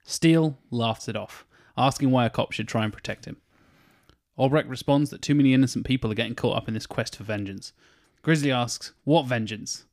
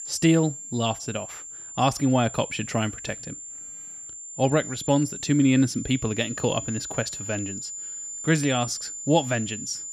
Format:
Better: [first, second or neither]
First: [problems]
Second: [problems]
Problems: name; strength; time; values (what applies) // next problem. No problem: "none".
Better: first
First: none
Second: high-pitched whine; loud; throughout; 7 kHz, 9 dB below the speech